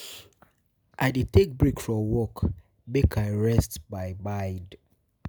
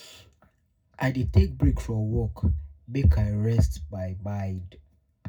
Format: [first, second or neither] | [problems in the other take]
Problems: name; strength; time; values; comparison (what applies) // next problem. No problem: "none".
first | room echo; dies away in 0.4 s